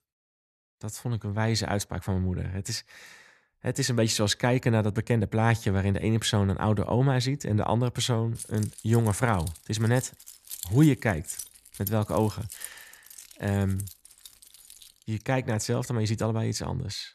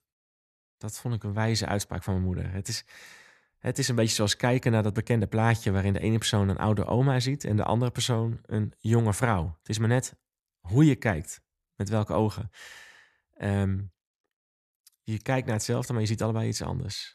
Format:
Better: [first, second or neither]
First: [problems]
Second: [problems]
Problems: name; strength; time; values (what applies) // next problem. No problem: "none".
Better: second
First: jangling keys; faint; from 8.5 to 15 s; peak 10 dB below the speech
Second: none